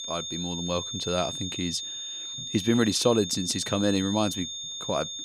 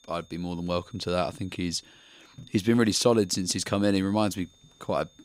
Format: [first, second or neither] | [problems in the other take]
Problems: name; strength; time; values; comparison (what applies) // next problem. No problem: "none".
second | high-pitched whine; loud; throughout; 3.5 kHz, 5 dB below the speech; faint in the second